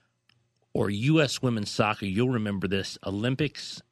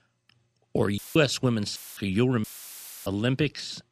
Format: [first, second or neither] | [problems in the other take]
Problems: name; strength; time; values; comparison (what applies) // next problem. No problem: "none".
first | audio cutting out; filled with static; at 1 s, at 2 s and at 2.5 s for 0.5 s